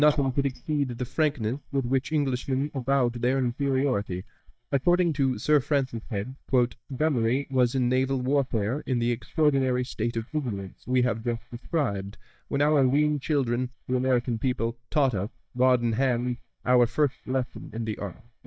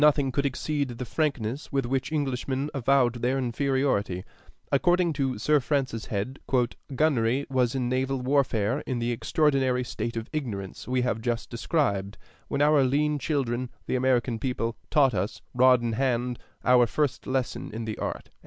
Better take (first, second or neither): second